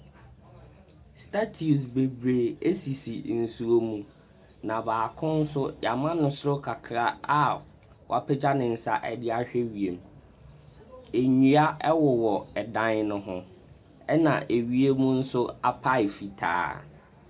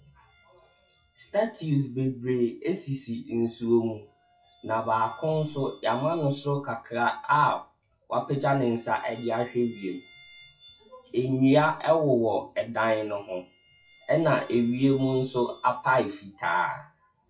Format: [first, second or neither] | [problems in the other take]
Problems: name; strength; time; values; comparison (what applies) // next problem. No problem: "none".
first | noise reduction (classical method WPE with log-MMSE)